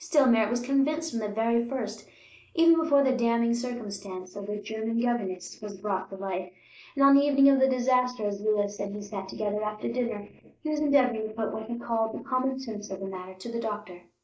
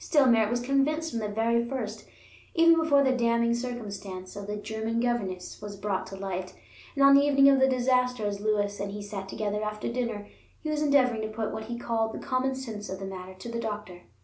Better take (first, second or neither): second